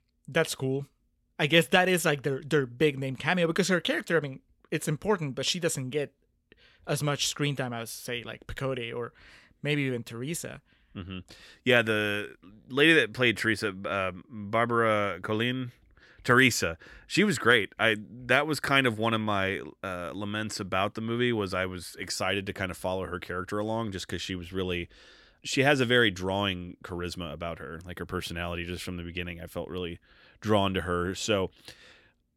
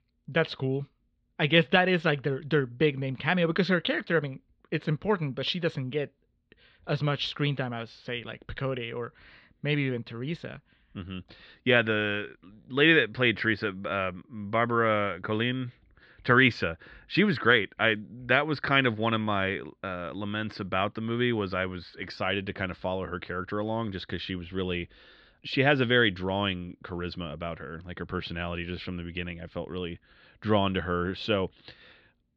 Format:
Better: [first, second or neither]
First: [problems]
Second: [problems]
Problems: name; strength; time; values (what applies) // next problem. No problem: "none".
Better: first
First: none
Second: muffled; slightly; fading above 4 kHz